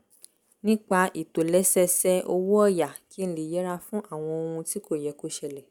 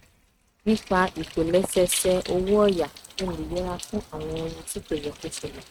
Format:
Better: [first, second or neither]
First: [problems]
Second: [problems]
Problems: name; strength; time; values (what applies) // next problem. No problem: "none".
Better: first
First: none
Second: noise reduction (neural mask model RNNoise)